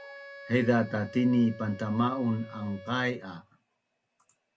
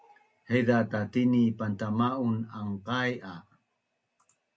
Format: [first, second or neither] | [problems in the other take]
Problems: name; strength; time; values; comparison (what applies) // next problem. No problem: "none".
second | background sound (Wind instrument, woodwind instrument); 18 dB below the speech